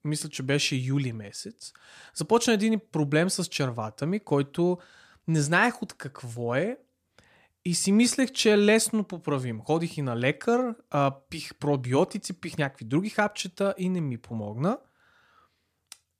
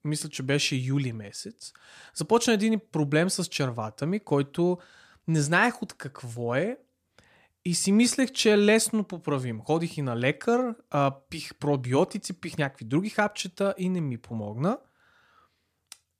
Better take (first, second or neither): neither